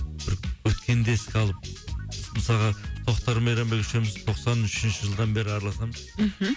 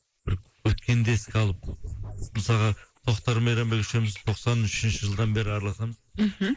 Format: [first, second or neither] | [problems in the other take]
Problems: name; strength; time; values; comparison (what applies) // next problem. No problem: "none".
first | noise reduction (neural mask model Resemble Enhance denoiser)